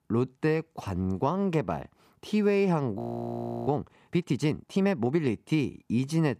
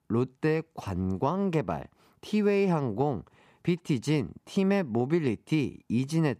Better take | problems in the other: second | audio freezing; at 3 s for 0.5 s

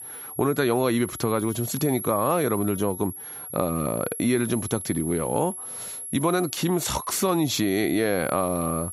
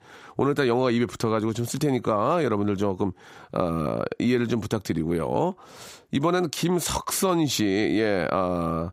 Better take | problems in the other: second | high-pitched whine; loud; throughout; 11.5 kHz, 9 dB below the speech

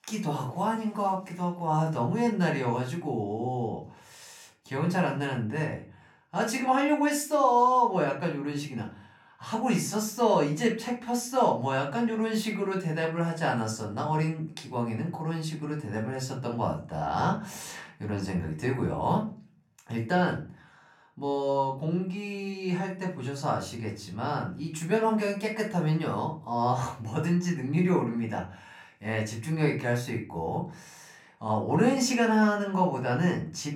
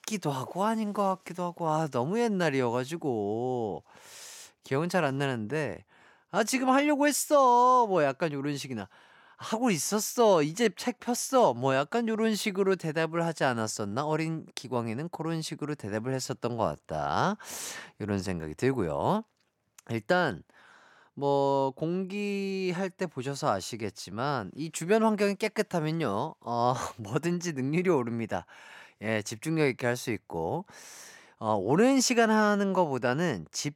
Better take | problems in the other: second | off-mic speech; somewhat distant // room echo; slight; dies away in 0.4 s

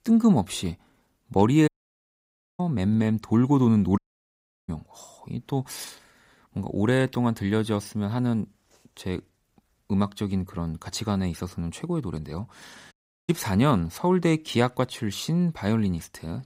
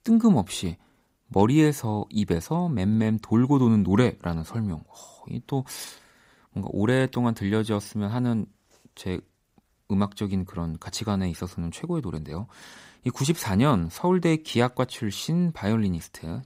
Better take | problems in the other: second | audio cutting out; at 1.5 s for 1 s, at 4 s for 0.5 s and at 13 s

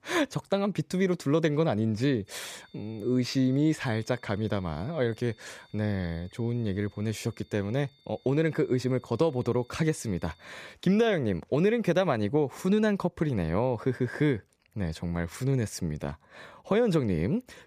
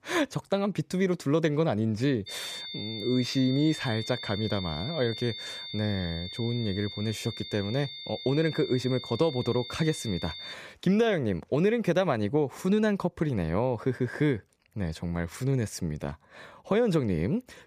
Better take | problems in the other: first | high-pitched whine; loud; from 2.5 to 11 s; 3.5 kHz, 9 dB below the speech; faint in the first

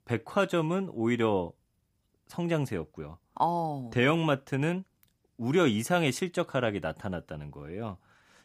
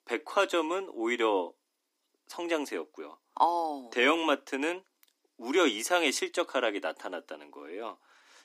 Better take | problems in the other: first | thin; somewhat; fading below 250 Hz

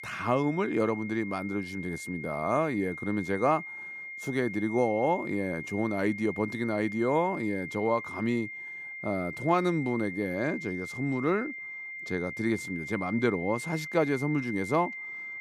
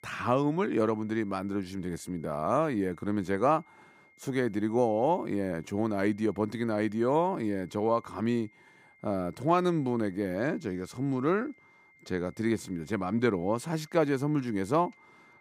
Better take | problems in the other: second | high-pitched whine; loud; throughout; 2 kHz, 8 dB below the speech; faint in the second

